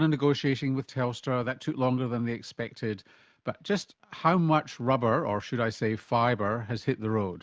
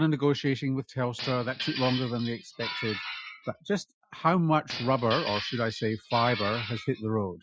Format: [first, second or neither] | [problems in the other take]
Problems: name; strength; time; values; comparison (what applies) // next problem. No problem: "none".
first | noise reduction (classical method Wiener filter)